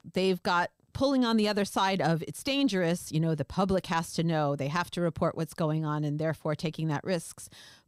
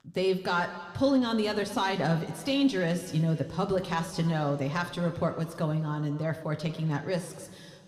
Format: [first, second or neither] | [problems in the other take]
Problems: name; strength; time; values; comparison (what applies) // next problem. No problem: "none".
first | room echo; slight; dies away in 2 s